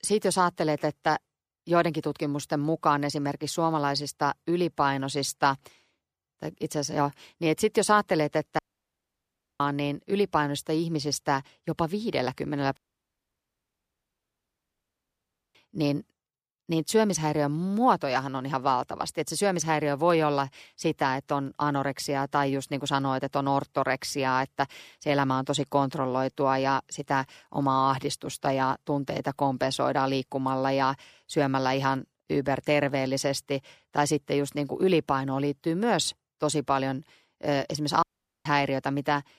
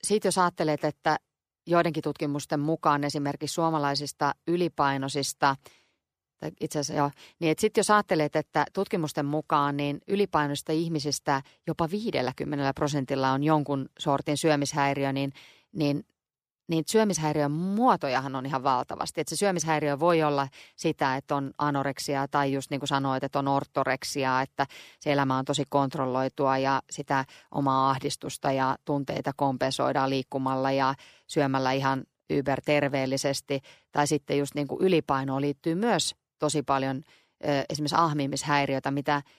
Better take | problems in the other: second | audio cutting out; at 8.5 s for 1 s, at 13 s for 3 s and at 38 s

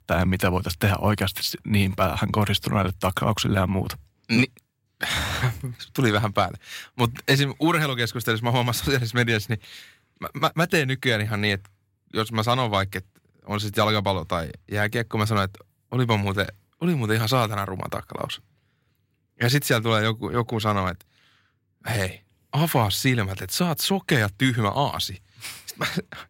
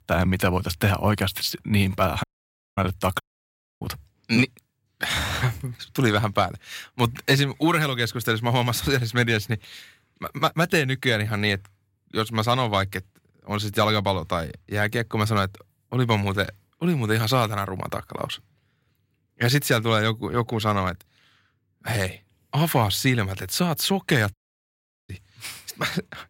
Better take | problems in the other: first | audio cutting out; at 2 s for 0.5 s, at 3 s for 0.5 s and at 24 s for 1 s

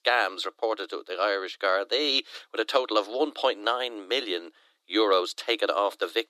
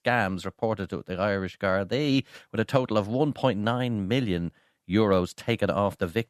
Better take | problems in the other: second | thin; very; fading below 300 Hz

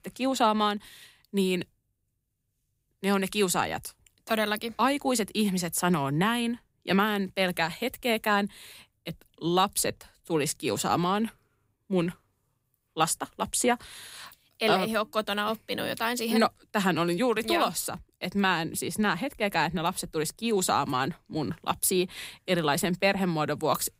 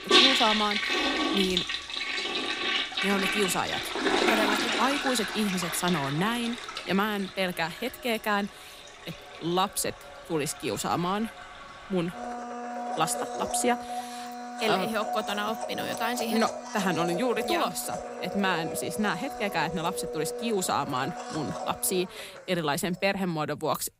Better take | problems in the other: first | household noises; loud; throughout; as loud as the speech

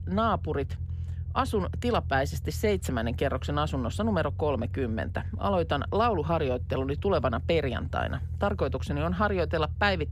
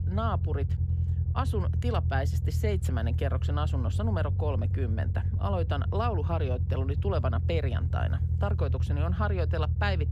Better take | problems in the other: first | low rumble; loud; throughout; 9 dB below the speech; faint in the first

